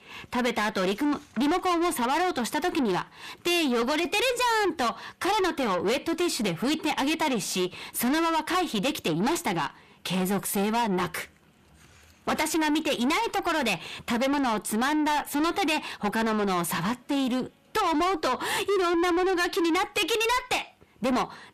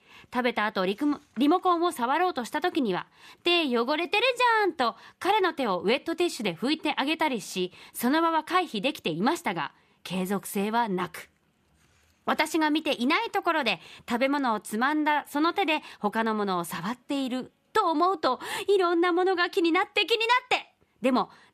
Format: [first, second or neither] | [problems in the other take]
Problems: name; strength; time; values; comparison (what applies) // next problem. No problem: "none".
second | distortion; heavy; 7 dB below the speech